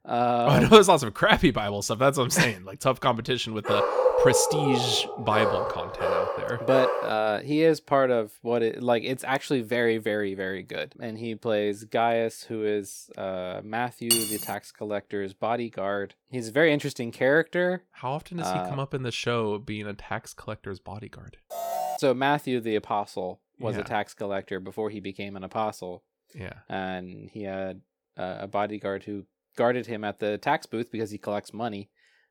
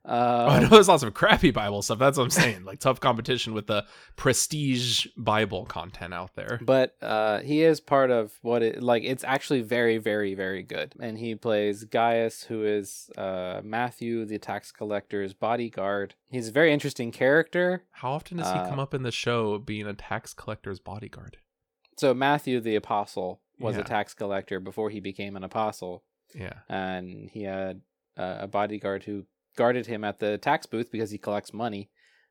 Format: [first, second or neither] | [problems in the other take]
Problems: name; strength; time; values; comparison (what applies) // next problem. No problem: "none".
second | dog barking; loud; from 3.5 to 7 s; peak 5 dB above the speech // clattering dishes; loud; at 14 s; peak 3 dB above the speech // alarm; noticeable; at 22 s; peak 4 dB below the speech